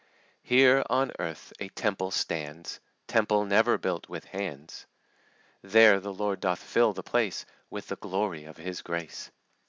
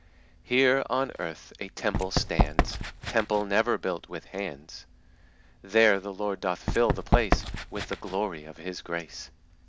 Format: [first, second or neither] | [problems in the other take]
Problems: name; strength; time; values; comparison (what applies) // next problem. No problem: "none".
first | background sound (Run); 3 dB below the speech